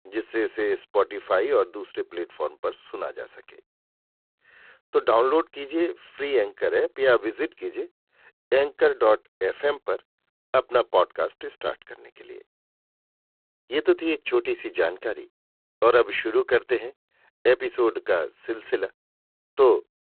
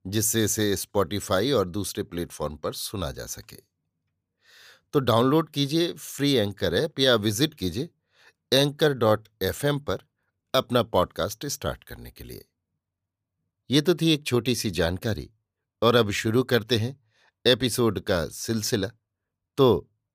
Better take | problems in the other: second | phone-call audio; poor line; nothing above 3.5 kHz

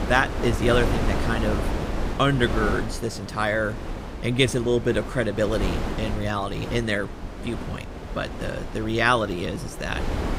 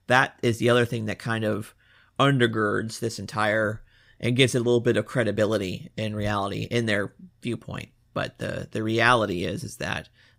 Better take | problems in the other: second | wind noise on the microphone; heavy; 8 dB below the speech

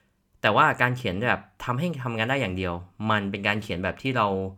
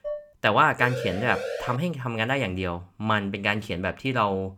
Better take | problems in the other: first | clattering dishes; faint; at the start; peak 10 dB below the speech // siren; noticeable; at 1 s; peak 6 dB below the speech

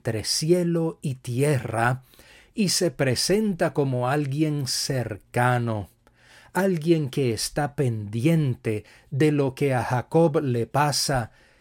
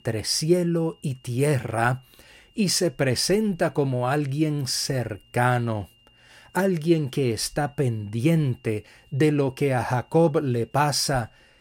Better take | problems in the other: first | high-pitched whine; faint; throughout; 3 kHz, 35 dB below the speech

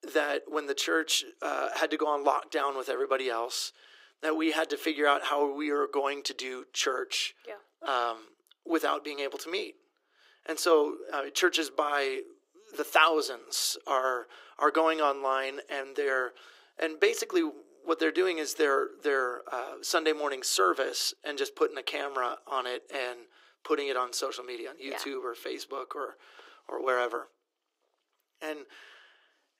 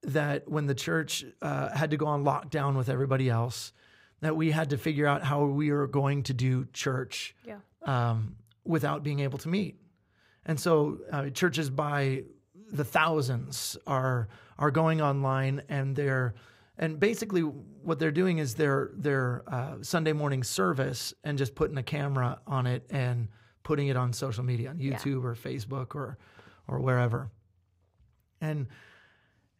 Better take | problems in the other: second | thin; very; fading below 300 Hz

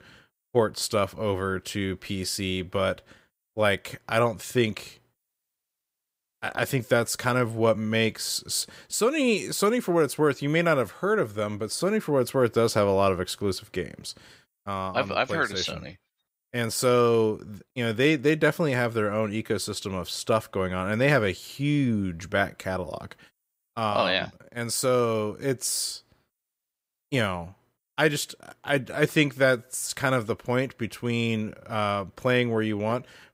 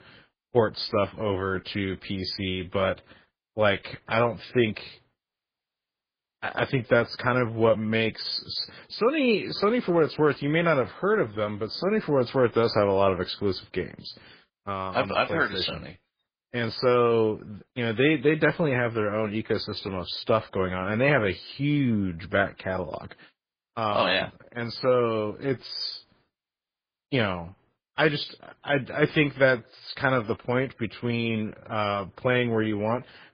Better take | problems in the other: first | garbled, watery; badly

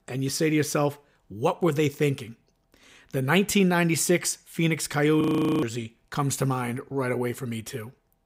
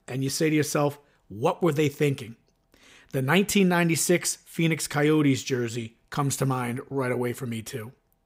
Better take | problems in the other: second | audio freezing; at 5 s

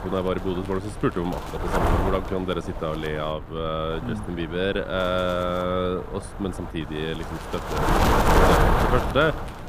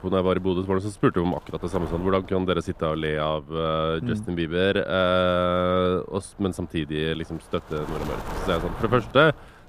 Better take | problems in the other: second | wind noise on the microphone; heavy; 4 dB above the speech; occasional gusts in the second

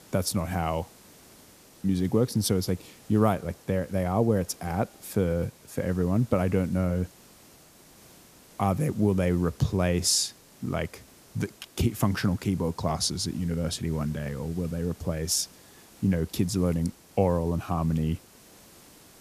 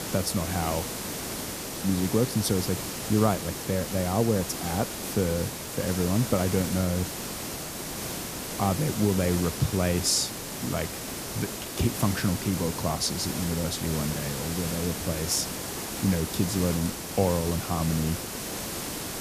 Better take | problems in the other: first | hiss; loud; throughout; 4 dB below the speech; faint in the first

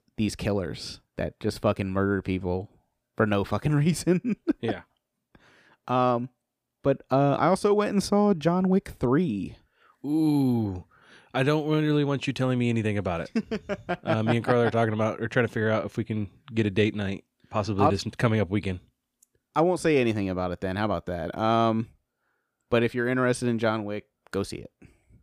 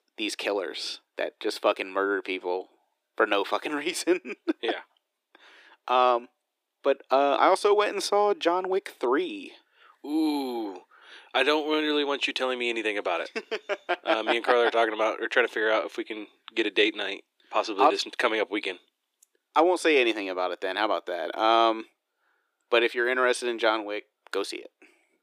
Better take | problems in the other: first | thin; very; fading below 350 Hz

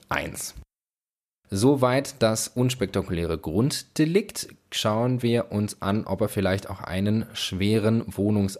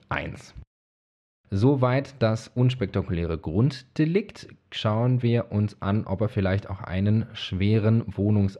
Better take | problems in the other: first | muffled; slightly; fading above 3 kHz

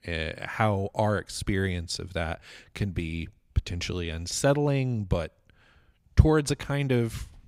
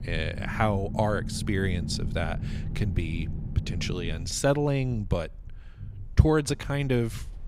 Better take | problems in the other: first | low rumble; noticeable; throughout; 15 dB below the speech

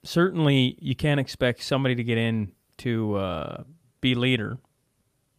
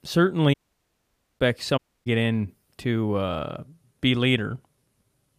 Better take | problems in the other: first | audio cutting out; at 0.5 s for 1 s and at 2 s

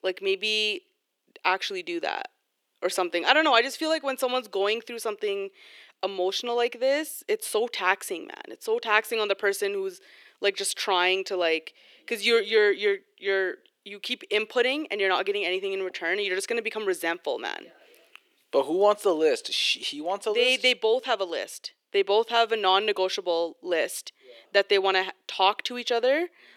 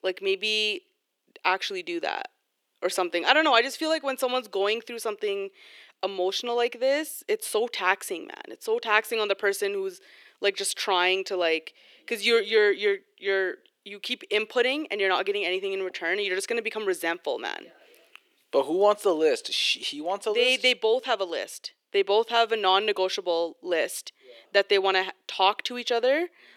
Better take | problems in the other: neither | thin; very; fading below 400 Hz; the same in both

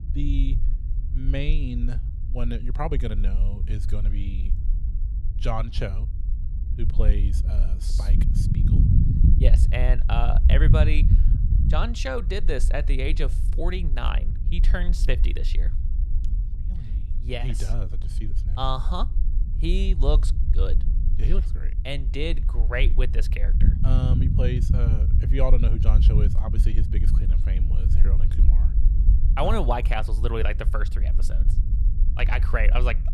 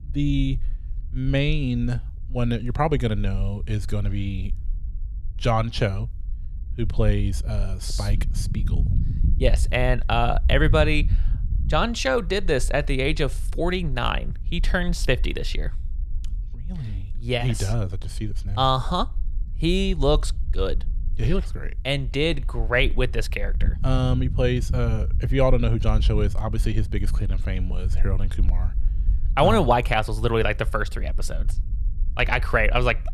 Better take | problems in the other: second | low rumble; loud; throughout; 10 dB below the speech; faint in the second

